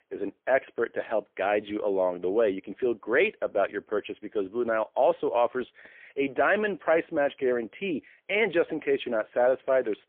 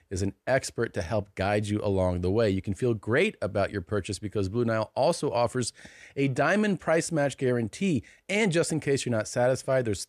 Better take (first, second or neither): second